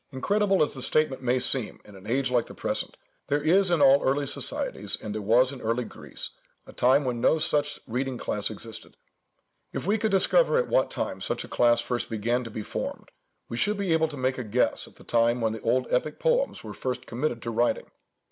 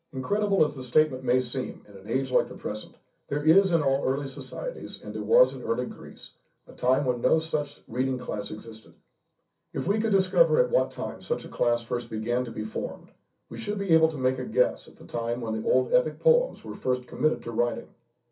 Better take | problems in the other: first | room echo; dies away in 0.3 s

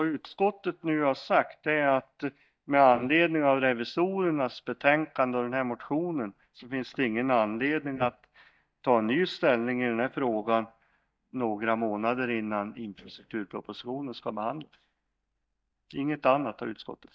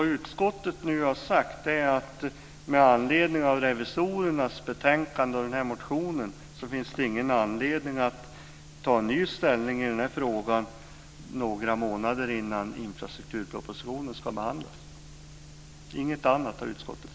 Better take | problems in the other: second | noise reduction (neural mask model DeepFilterNet 3)

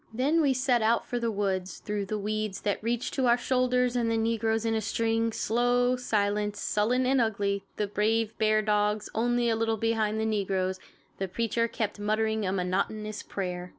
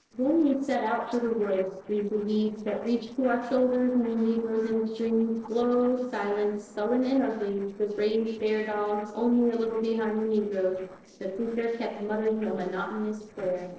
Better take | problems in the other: first | noise reduction (neural separator model SepFormer DNS4)

